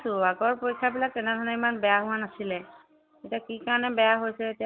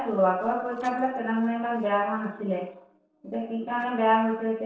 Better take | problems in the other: first | noise reduction (neural separator model SepFormer DNS4)

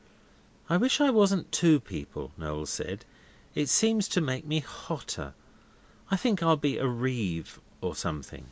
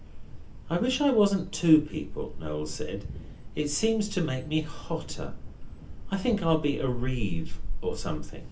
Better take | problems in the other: first | background sound (Thunder); 5 dB below the speech // room echo; dies away in 0.3 s

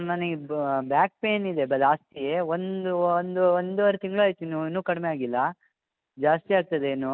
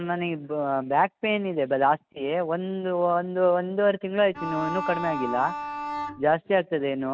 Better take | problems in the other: first | background sound (Bowed string instrument); 6 dB below the speech

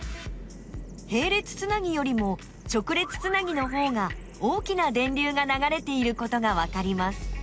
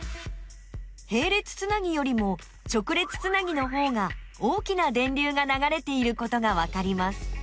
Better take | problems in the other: second | background sound (Bird vocalization, bird call, bird song); 19 dB below the speech

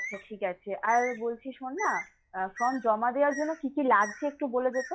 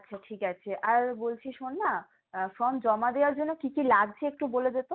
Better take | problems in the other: second | noise reduction (classical method log-MMSE)

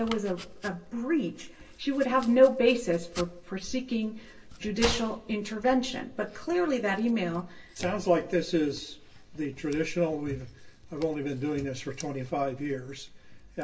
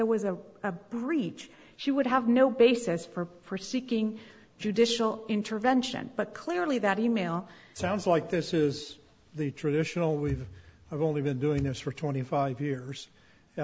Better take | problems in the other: second | background sound (Domestic sounds, home sounds); 17 dB below the speech // room echo; dies away in 0.2 s

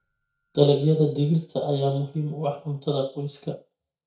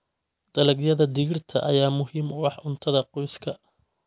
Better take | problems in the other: second | noise reduction (neural mask model DeepFilterNet 3)

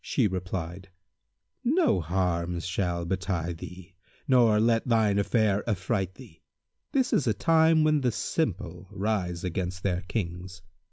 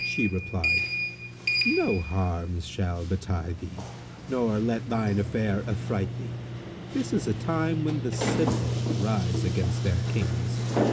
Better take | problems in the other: first | background sound (Sliding door); 1 dB below the speech // room echo; dies away in 0.3 s

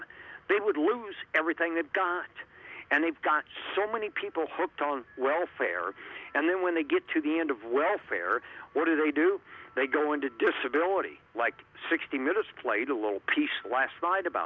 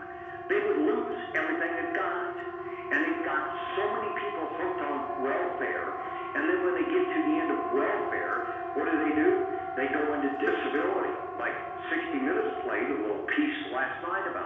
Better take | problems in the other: first | background sound (Siren); 6 dB below the speech // room echo; dies away in 1.1 s

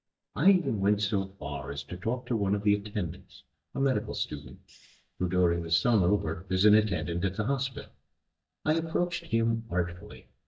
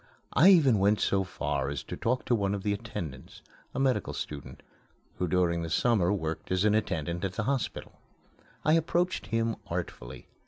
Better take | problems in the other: second | noise reduction (neural mask model DeepFilterNet 3)

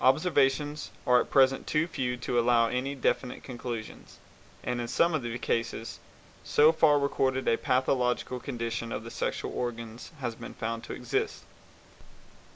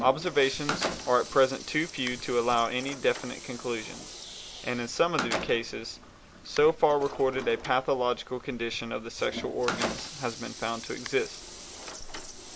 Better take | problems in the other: first | background sound (Slam + Toilet flush); 10 dB below the speech

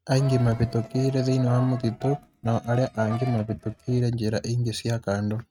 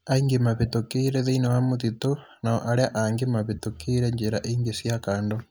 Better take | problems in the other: second | noise reduction (neural mask model RNNoise)

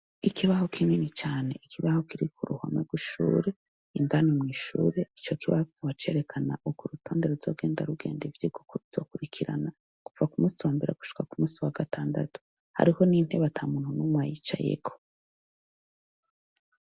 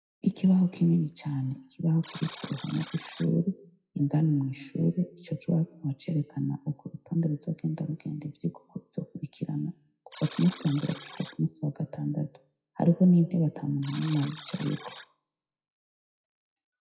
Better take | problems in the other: first | noise reduction (classical method WPE with log-MMSE)

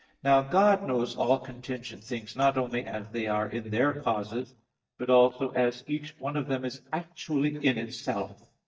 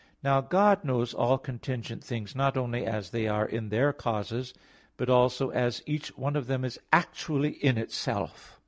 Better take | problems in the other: second | noise reduction (neural mask model DeepFilterNet 3)

